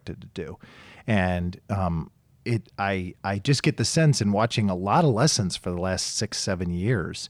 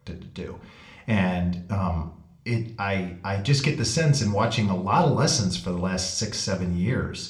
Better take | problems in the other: first | room echo; very slight; dies away in 0.4 s

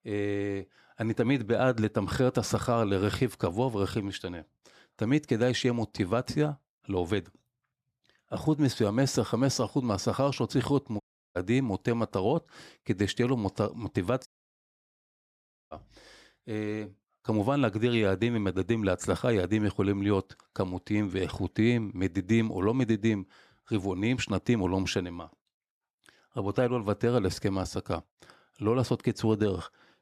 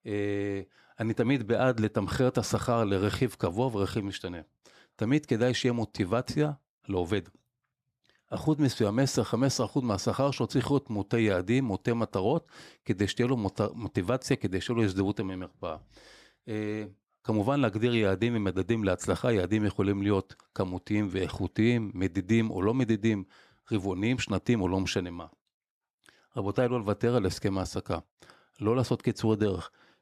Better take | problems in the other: second | audio cutting out; at 11 s and at 14 s for 1.5 s

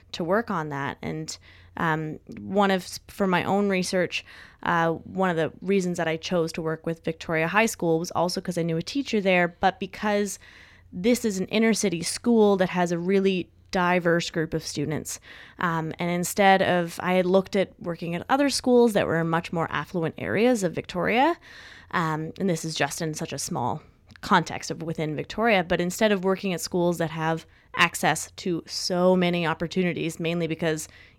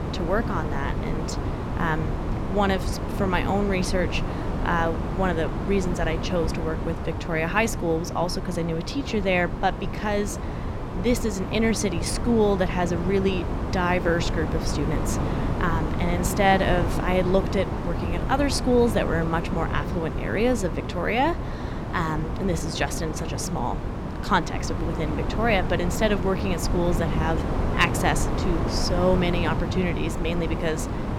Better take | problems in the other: first | wind noise on the microphone; heavy; 7 dB below the speech

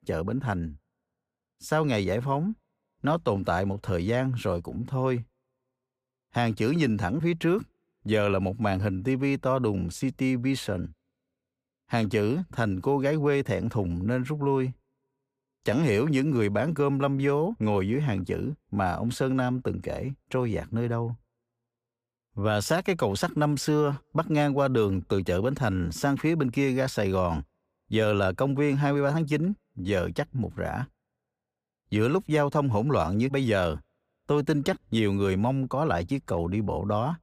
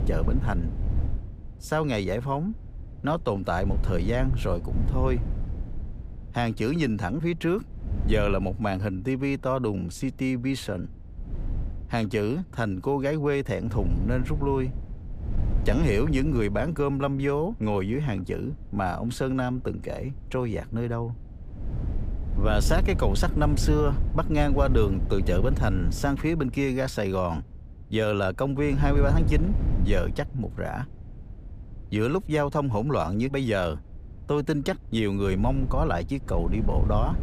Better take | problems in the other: first | wind noise on the microphone; occasional gusts; 15 dB below the speech

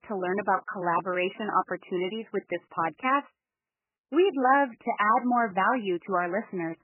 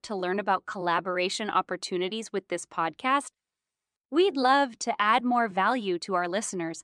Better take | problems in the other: second | garbled, watery; badly; nothing above 3 kHz

